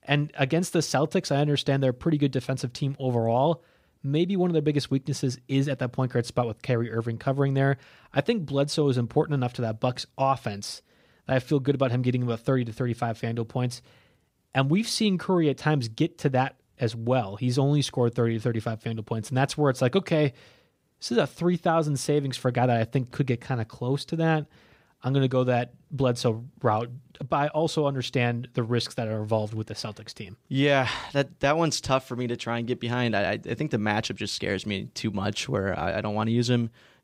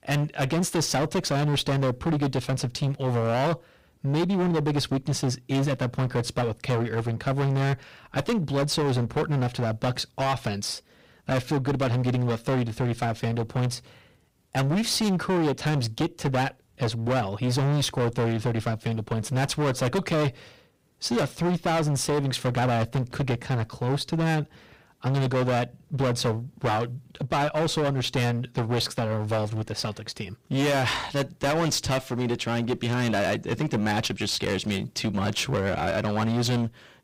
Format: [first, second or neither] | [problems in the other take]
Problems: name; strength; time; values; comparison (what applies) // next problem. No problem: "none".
first | distortion; heavy; 21% of the sound clipped